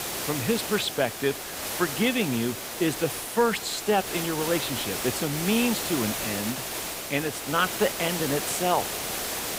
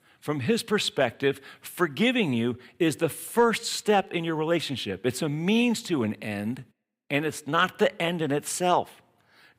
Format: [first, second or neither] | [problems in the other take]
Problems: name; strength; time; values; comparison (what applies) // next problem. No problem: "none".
second | hiss; loud; throughout; 3 dB below the speech